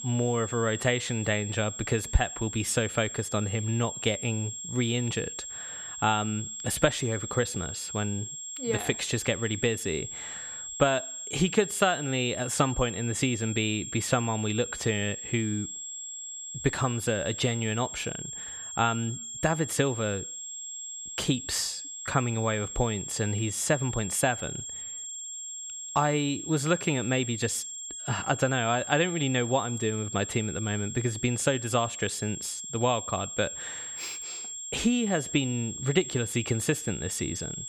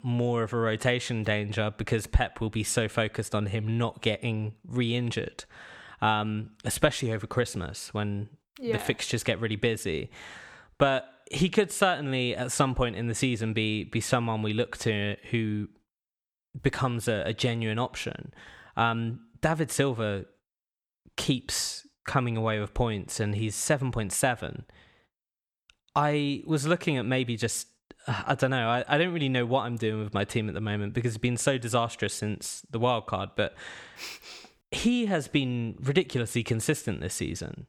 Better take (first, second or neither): second